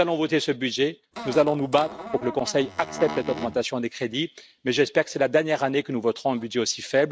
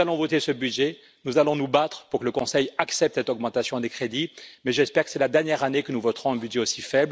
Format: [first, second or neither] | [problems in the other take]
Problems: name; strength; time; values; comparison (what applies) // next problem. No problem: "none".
second | noise reduction (neural mask model RNNoise)